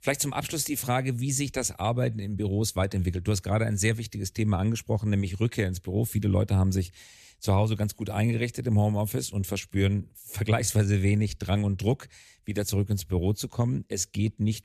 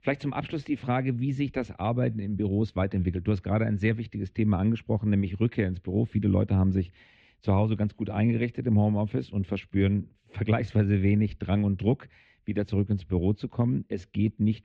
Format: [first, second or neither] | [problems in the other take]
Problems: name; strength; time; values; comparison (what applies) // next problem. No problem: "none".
first | muffled; very; fading above 3 kHz